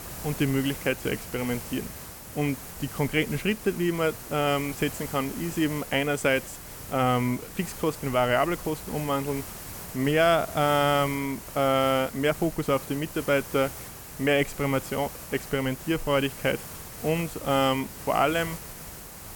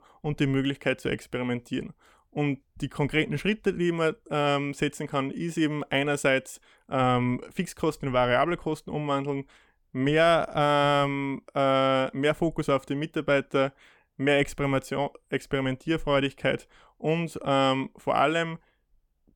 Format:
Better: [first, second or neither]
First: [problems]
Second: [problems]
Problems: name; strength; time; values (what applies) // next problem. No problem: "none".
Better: second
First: hiss; noticeable; throughout; 10 dB below the speech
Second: none